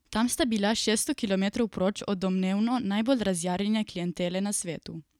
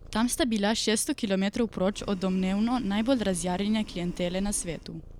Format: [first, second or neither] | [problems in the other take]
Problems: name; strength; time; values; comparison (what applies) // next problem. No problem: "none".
first | background sound (Boiling + Purr); 16 dB below the speech